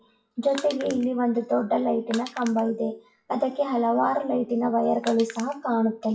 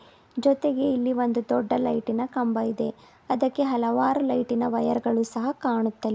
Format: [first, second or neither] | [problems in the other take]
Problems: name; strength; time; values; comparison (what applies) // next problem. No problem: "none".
second | noise reduction (classical method WPE with log-MMSE)